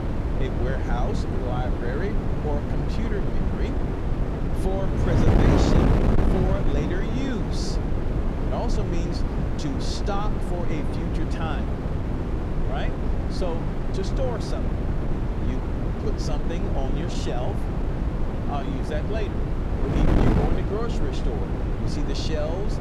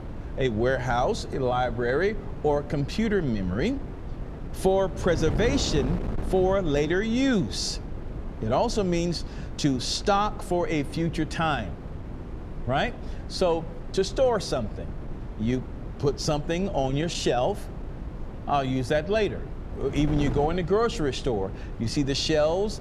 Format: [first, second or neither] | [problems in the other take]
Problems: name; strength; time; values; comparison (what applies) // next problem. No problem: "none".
second | wind noise on the microphone; heavy; 2 dB above the speech; occasional gusts in the second